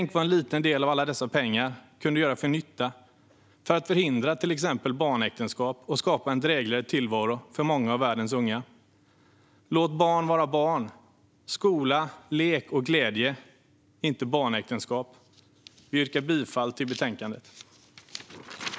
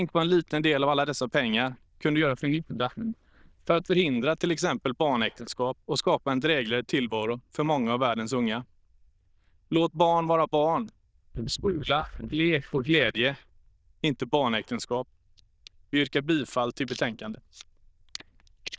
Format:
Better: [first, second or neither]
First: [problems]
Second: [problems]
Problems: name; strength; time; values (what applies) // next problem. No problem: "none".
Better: first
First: none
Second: noise reduction (neural diffusion model UNIVERSE++)